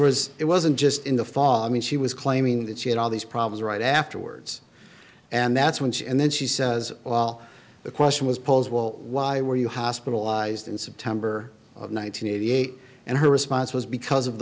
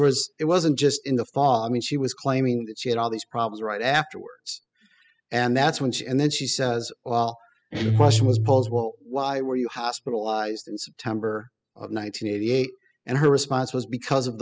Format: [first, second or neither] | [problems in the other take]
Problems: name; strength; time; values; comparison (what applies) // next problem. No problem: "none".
first | noise reduction (classical method spectral subtraction)